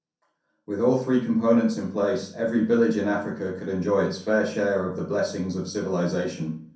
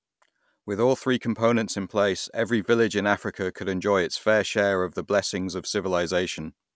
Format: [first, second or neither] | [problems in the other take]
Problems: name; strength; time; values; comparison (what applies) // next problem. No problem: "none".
second | room echo; dies away in 0.5 s